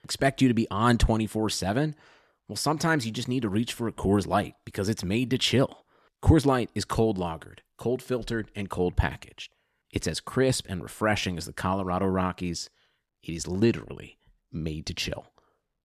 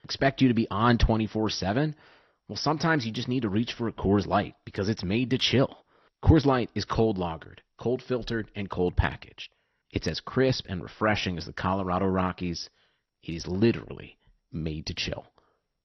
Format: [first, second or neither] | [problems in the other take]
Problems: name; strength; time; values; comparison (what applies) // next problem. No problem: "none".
first | garbled, watery; slightly; nothing above 6 kHz